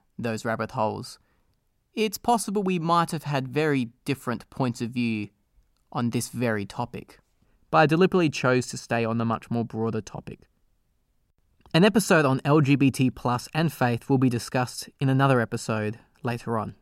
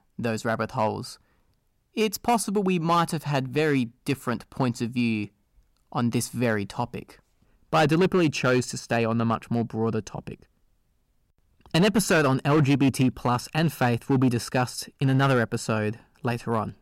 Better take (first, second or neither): first